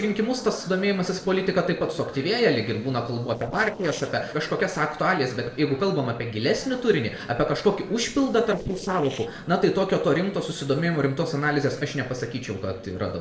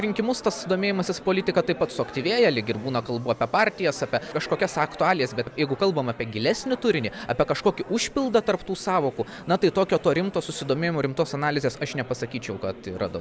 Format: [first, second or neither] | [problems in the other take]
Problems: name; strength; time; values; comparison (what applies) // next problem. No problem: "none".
second | noise reduction (neural separator model SepFormer DNS4)